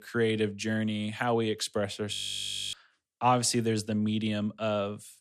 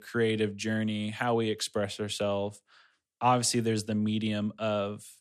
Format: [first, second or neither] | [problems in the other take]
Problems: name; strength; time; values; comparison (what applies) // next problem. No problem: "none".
second | audio freezing; at 2 s for 0.5 s